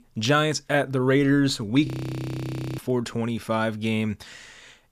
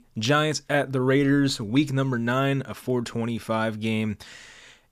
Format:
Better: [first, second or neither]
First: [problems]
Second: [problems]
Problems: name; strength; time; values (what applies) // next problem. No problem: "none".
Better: second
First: audio freezing; at 2 s for 1 s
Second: none